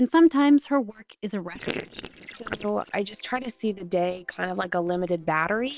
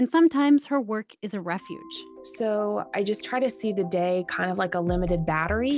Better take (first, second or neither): second